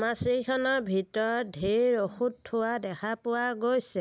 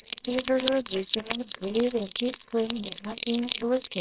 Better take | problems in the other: first | noise reduction (neural separator model SepFormer WHAMR!)

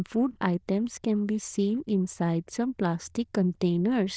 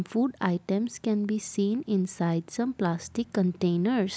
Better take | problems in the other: second | noise reduction (neural diffusion model UNIVERSE++)

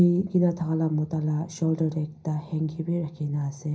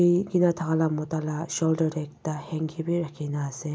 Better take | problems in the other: second | room echo; dies away in 0.5 s

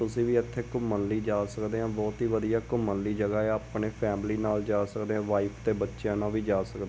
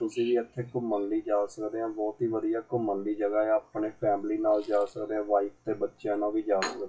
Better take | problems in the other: first | noise reduction (classical method WPE with log-MMSE)

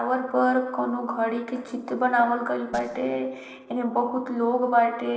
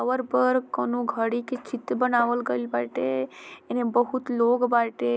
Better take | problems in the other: second | noise reduction (neural separator model SepFormer DNS4)

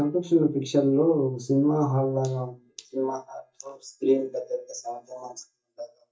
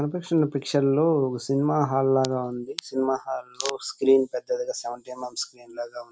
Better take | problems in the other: second | noise reduction (neural mask model DeepFilterNet 3)

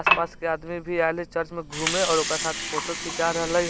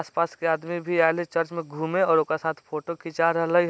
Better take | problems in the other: second | background sound (Water); 2 dB below the speech

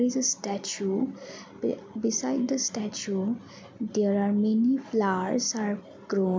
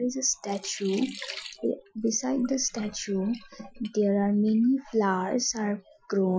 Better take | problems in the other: first | noise reduction (classical method Wiener filter)

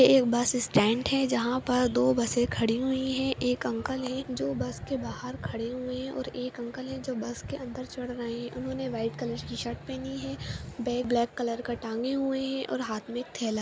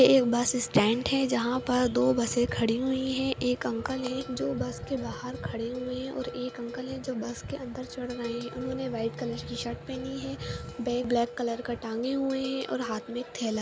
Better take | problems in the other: first | background sound (Bell); 15 dB below the speech

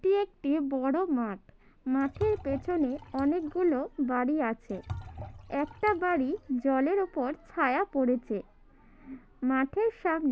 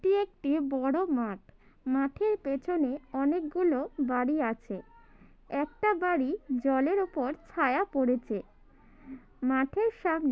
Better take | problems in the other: second | background sound (Liquid); 15 dB below the speech

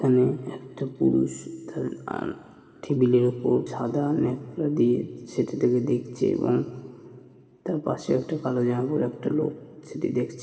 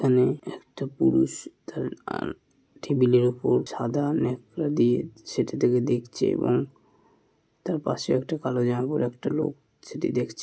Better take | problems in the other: second | room echo; dies away in 2.5 s

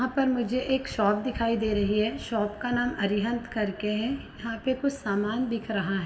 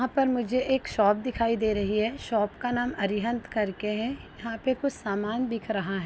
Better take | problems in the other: second | room echo; dies away in 2.7 s

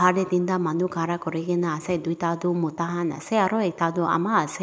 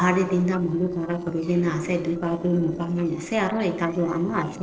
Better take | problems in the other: first | noise reduction (neural separator model SepFormer DNS4)

